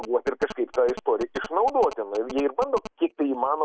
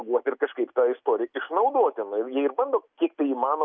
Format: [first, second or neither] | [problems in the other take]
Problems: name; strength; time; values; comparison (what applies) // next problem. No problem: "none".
second | noise reduction (neural mask model Resemble Enhance denoiser)